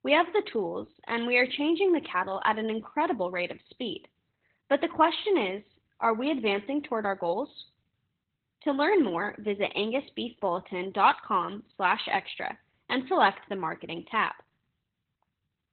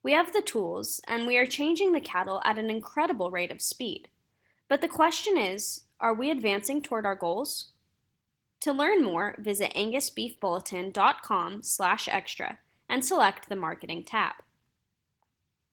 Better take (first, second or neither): second